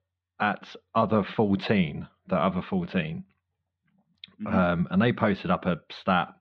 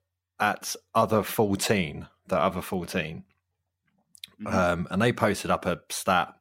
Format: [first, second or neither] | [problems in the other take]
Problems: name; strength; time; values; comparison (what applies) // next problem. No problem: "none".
second | muffled; slightly; fading above 3.5 kHz